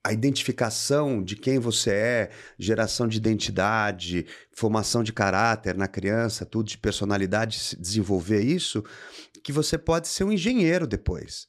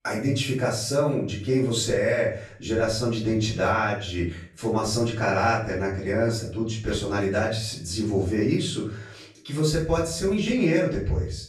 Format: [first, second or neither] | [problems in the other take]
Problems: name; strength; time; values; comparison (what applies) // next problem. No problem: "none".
first | off-mic speech; far // room echo; noticeable; dies away in 0.4 s